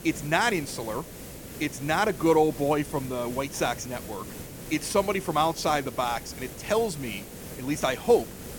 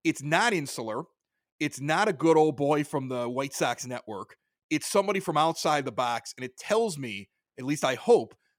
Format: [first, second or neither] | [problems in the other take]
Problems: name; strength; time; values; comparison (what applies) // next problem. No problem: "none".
second | hiss; noticeable; throughout; 15 dB below the speech